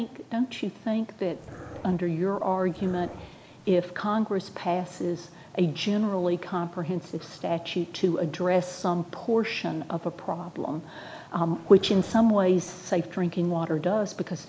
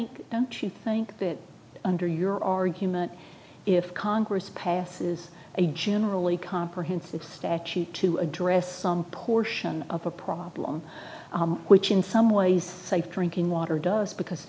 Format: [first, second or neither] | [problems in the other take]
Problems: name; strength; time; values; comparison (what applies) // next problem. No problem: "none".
second | background sound (Dog); 18 dB below the speech